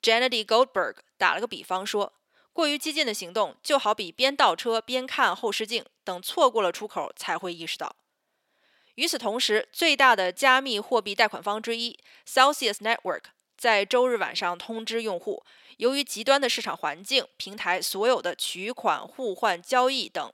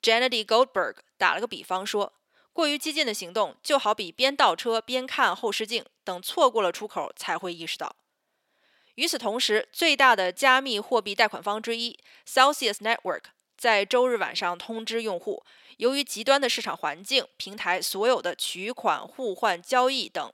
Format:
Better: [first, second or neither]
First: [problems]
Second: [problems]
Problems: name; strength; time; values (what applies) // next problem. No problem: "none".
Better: neither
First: thin; somewhat; fading below 450 Hz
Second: thin; somewhat; fading below 450 Hz